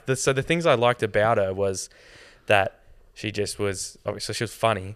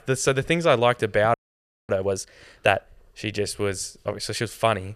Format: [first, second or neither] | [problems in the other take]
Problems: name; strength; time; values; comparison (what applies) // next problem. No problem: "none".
first | audio freezing; at 1.5 s for 0.5 s